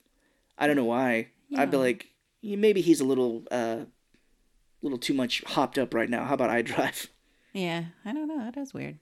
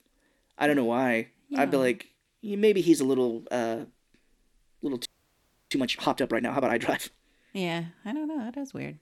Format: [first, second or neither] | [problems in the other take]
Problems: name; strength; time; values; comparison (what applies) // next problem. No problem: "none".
first | audio freezing; at 5 s for 0.5 s